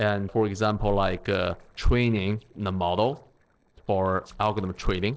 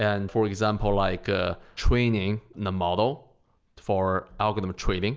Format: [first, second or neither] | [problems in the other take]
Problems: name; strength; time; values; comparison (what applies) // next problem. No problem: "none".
second | noise reduction (neural separator model SepFormer DNS4)